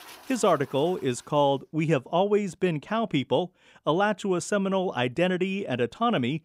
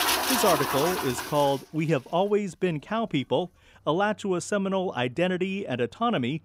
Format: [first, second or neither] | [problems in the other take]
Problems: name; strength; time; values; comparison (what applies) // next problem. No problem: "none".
first | household noises; loud; throughout; as loud as the speech; faint in the first